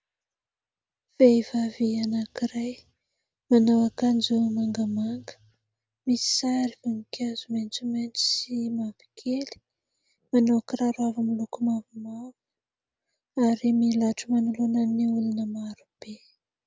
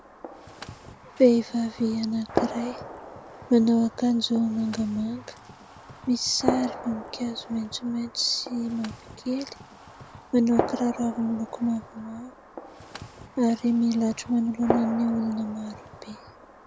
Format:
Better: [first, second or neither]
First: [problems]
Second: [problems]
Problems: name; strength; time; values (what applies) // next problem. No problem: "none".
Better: first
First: none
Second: background sound (Gunshot, gunfire); 9 dB below the speech